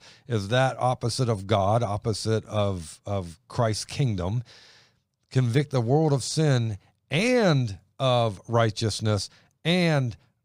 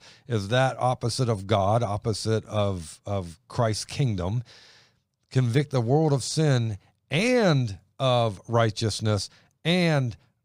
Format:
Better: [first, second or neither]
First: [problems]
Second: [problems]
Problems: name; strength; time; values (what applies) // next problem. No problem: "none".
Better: neither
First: none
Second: none